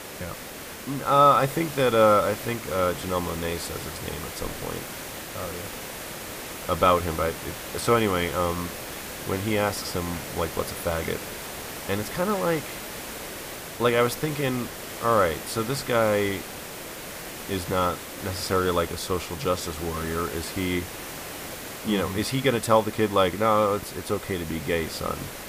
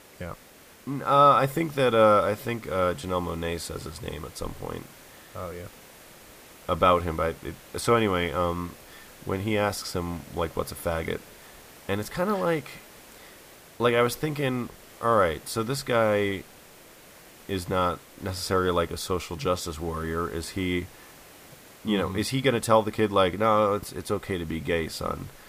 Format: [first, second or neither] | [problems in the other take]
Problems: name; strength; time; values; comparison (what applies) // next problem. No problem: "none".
second | hiss; loud; throughout; 10 dB below the speech; faint in the second